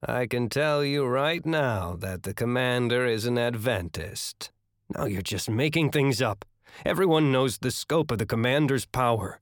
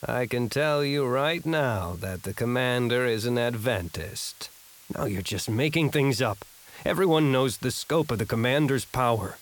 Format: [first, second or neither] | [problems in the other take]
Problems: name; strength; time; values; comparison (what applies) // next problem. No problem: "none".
first | hiss; faint; throughout; 20 dB below the speech